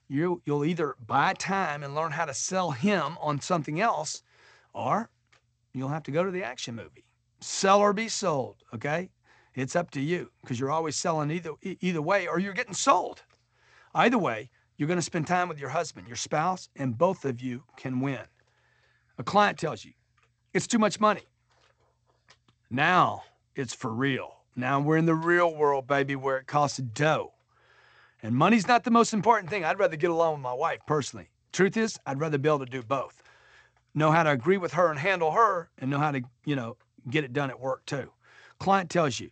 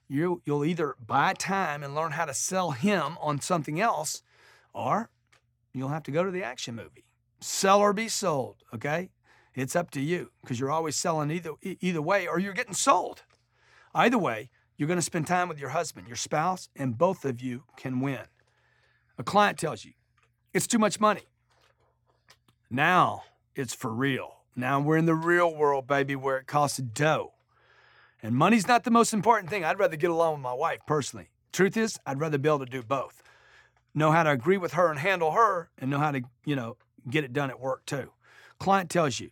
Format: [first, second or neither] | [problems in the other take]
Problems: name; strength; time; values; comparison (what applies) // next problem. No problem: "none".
second | garbled, watery; slightly; nothing above 8 kHz